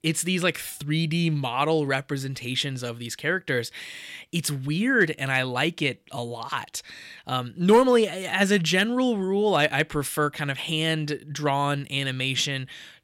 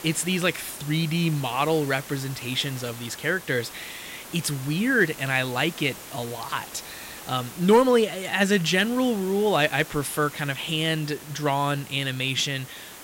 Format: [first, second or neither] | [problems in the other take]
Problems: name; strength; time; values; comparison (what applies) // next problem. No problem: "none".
first | hiss; noticeable; throughout; 15 dB below the speech